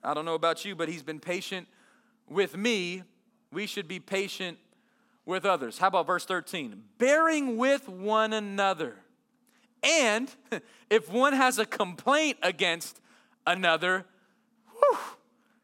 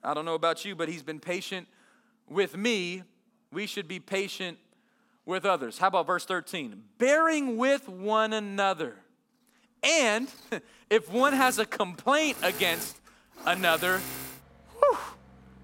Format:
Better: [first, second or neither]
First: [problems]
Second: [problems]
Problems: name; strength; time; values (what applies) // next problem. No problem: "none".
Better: first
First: none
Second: machinery noise; noticeable; from 10 s on; 10 dB below the speech